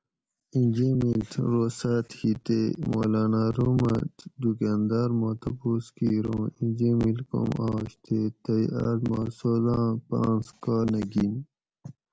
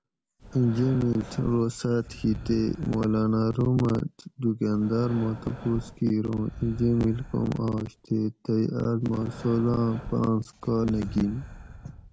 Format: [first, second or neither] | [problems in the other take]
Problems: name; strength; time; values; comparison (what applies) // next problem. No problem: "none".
first | background sound (Breathing); 16 dB below the speech